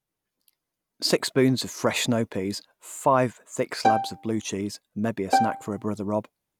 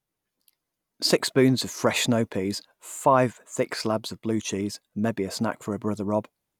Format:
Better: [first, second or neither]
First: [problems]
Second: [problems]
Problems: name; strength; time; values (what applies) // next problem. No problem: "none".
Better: second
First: background sound (Bowed string instrument); as loud as the speech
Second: none